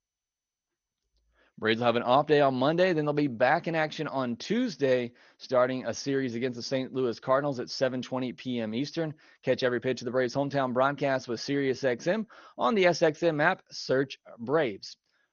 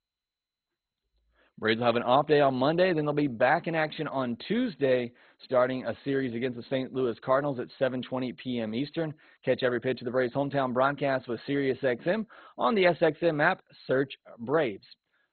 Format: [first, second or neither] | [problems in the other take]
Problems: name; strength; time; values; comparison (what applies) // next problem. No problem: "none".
first | garbled, watery; badly; nothing above 4 kHz; slightly in the first